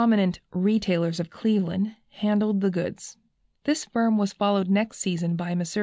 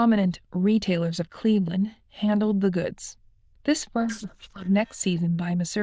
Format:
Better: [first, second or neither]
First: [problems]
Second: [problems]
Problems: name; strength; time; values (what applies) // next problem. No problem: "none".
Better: first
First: none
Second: noise reduction (neural diffusion model UNIVERSE++)